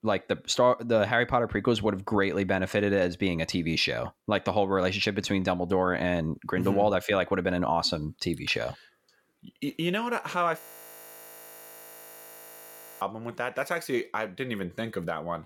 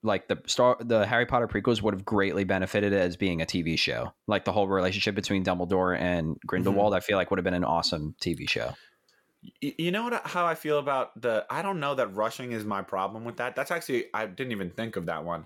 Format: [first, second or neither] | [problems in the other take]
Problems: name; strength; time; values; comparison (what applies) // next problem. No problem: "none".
second | audio freezing; at 11 s for 2.5 s